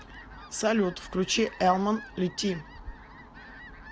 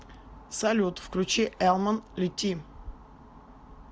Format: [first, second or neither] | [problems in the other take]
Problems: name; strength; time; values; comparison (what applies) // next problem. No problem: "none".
second | background sound (Fowl); 19 dB below the speech